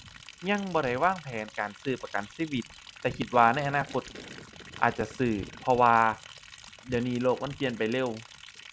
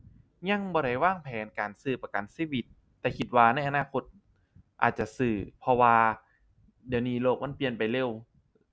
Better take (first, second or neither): second